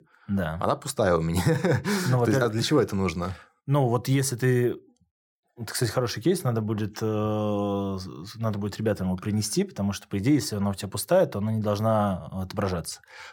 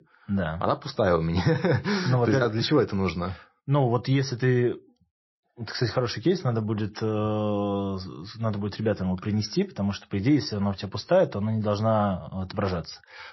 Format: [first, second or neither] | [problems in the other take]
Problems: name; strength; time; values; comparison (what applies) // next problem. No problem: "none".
first | garbled, watery; slightly; nothing above 5.5 kHz